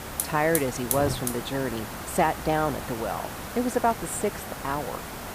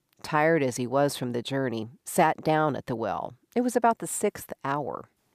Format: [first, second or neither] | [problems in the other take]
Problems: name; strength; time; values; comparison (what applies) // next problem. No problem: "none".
second | hiss; loud; throughout; 5 dB below the speech